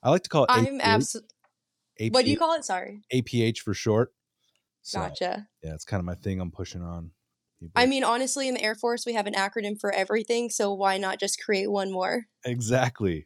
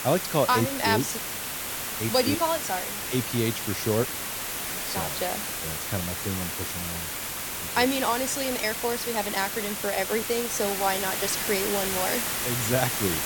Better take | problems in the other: first | hiss; loud; throughout; 1 dB below the speech

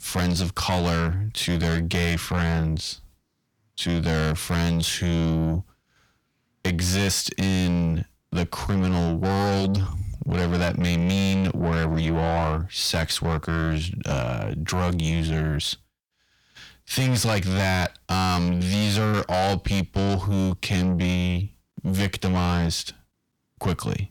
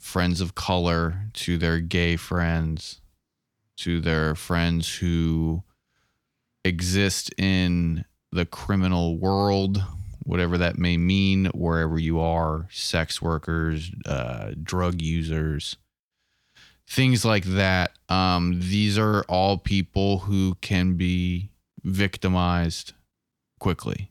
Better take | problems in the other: second | distortion; heavy; 7 dB below the speech

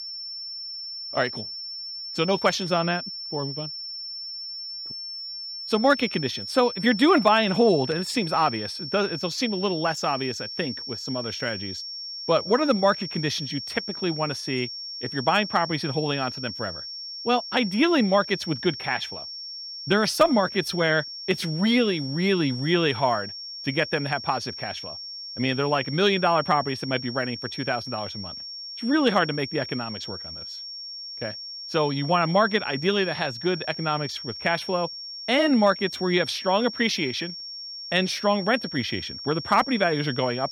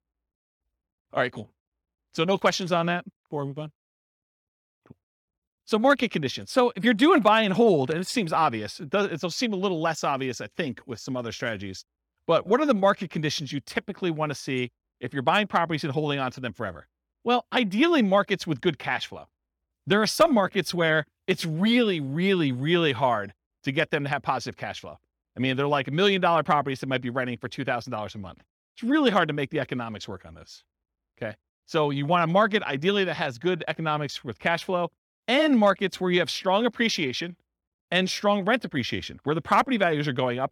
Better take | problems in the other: second | high-pitched whine; loud; throughout; 5.5 kHz, 9 dB below the speech

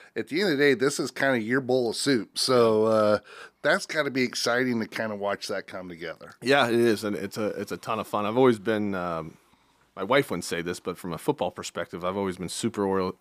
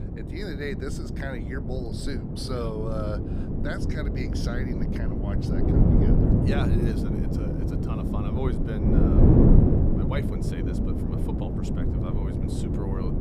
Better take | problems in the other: first | wind noise on the microphone; heavy; 4 dB above the speech

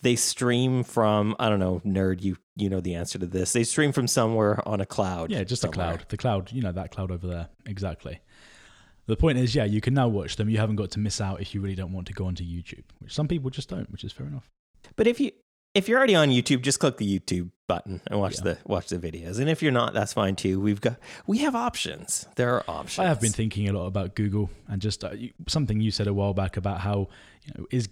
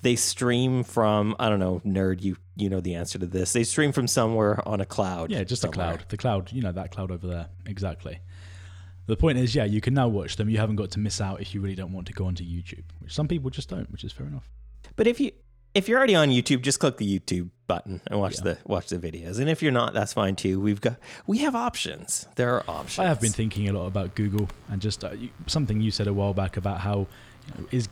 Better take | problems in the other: first | household noises; faint; throughout; 20 dB below the speech

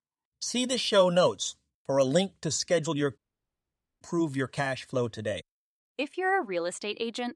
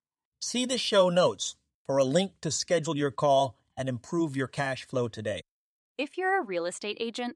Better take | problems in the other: second | audio cutting out; at 3 s for 1 s

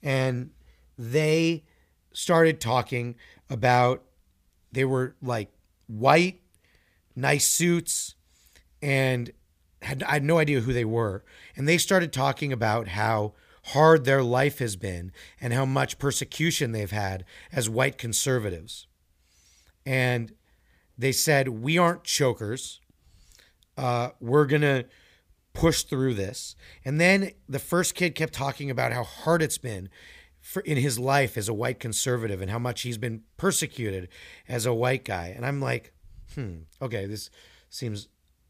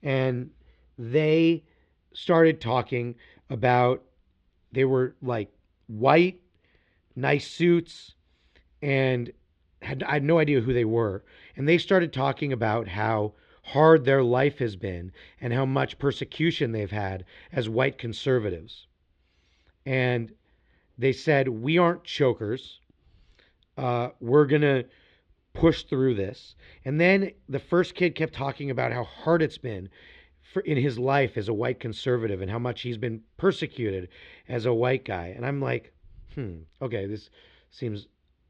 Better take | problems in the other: first | muffled; slightly; fading above 3.5 kHz

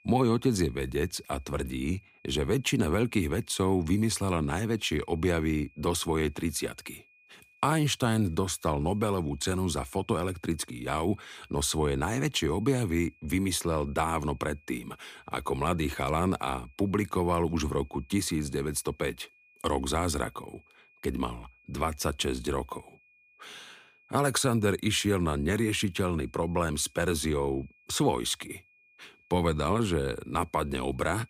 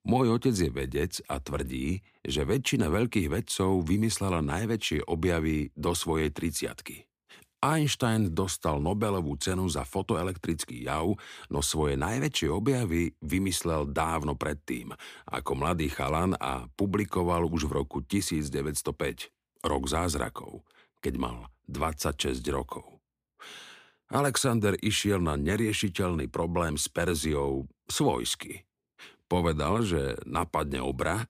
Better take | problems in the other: second | high-pitched whine; faint; throughout; 2.5 kHz, 30 dB below the speech

